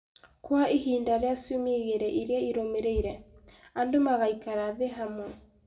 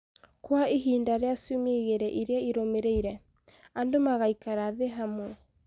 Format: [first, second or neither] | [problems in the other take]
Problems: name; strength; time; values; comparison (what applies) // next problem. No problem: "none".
second | room echo; dies away in 0.3 s